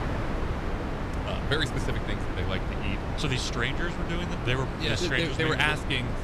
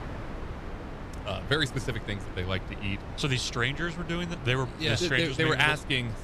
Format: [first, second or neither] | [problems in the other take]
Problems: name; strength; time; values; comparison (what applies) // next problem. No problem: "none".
second | wind noise on the microphone; heavy; 6 dB below the speech; occasional gusts in the second